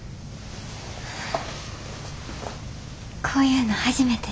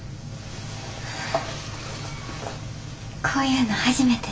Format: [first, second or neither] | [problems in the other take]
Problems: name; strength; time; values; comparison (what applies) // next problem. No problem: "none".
first | background sound (Screech); 19 dB below the speech // room echo; dies away in 0.2 s